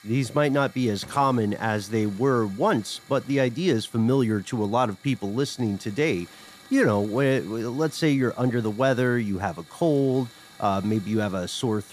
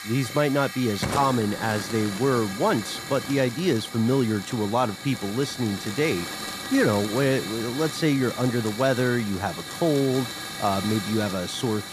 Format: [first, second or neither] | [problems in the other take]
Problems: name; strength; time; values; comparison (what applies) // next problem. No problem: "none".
first | hiss; loud; throughout; 8 dB below the speech; faint in the first